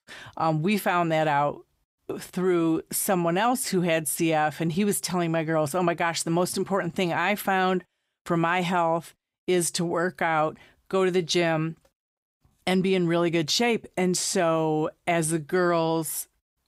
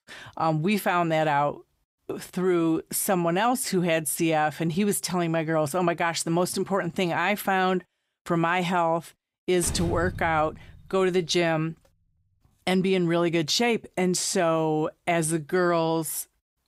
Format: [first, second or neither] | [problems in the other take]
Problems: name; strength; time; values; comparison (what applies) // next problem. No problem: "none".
first | door banging; noticeable; from 9.5 to 11 s; peak 7 dB below the speech